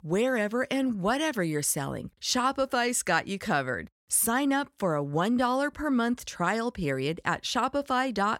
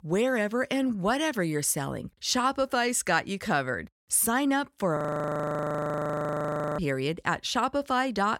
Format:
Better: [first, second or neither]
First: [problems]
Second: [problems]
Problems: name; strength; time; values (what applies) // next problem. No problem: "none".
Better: first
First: none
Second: audio freezing; at 5 s for 2 s